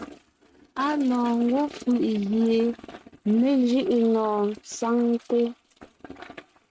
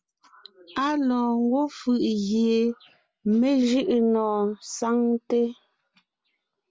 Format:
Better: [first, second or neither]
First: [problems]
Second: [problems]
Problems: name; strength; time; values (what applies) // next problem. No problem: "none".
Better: second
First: noise reduction (neural mask model RNNoise)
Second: none